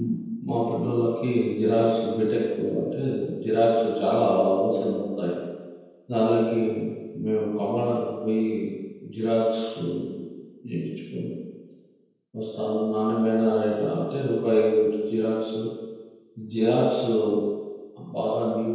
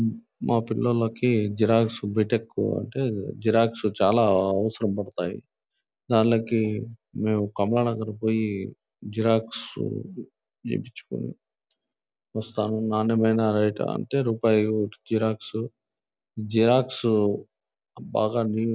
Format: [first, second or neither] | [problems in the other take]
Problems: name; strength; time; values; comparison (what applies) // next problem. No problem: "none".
second | room echo; dies away in 1.2 s